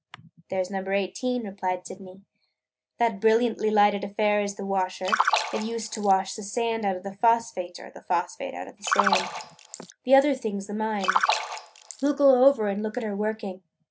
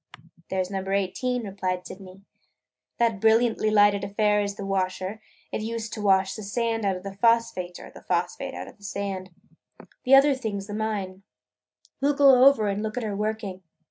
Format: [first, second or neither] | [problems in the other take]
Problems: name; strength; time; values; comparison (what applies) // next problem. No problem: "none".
second | background sound (Splash, splatter); 1 dB below the speech